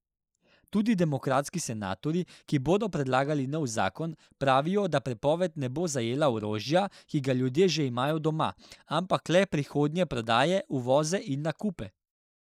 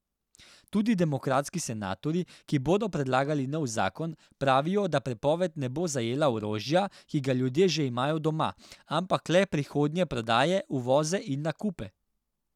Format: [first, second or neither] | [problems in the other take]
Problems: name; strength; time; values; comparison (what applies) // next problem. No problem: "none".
second | noise reduction (neural mask model Resemble Enhance denoiser)